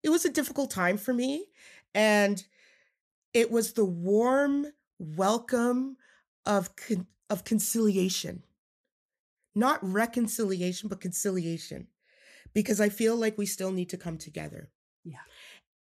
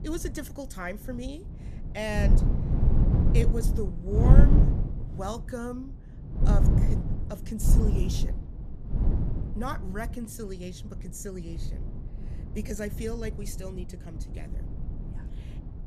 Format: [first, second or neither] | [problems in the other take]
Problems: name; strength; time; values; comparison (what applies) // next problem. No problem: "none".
first | wind noise on the microphone; heavy; 2 dB below the speech